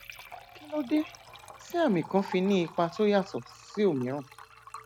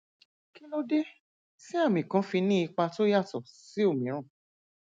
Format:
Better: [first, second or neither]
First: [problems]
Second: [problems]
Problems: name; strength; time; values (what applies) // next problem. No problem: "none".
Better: second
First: background sound (Liquid); 17 dB below the speech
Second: none